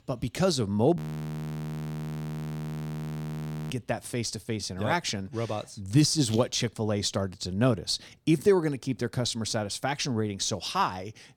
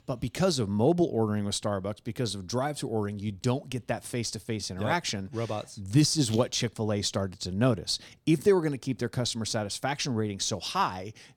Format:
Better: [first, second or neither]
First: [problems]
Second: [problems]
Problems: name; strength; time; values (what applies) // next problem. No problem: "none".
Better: second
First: audio freezing; at 1 s for 2.5 s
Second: none